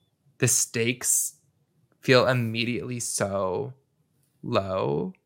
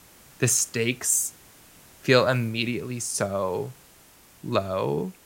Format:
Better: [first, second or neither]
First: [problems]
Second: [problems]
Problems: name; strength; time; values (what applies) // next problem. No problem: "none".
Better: first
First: none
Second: hiss; faint; throughout; 25 dB below the speech